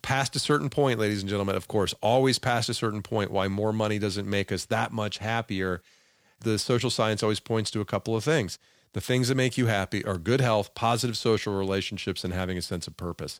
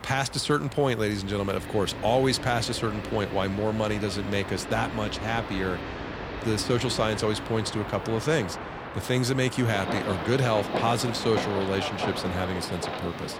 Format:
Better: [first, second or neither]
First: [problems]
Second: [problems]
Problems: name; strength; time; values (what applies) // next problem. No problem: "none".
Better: first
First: none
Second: train or aircraft noise; loud; throughout; 7 dB below the speech